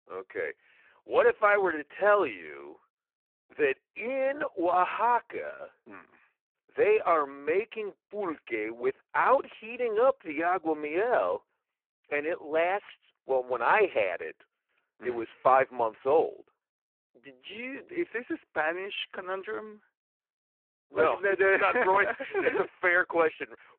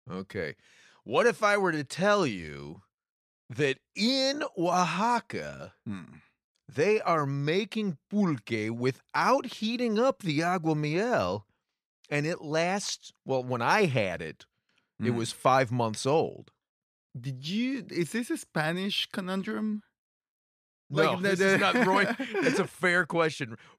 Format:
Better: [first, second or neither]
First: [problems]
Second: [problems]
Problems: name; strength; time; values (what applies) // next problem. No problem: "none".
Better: second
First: phone-call audio; poor line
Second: none